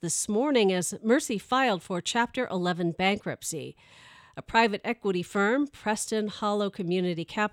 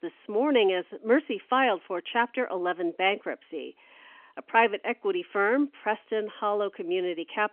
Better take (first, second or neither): first